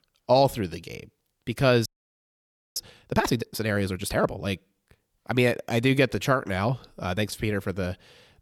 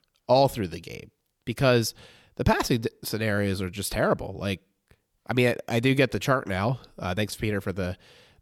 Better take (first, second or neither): second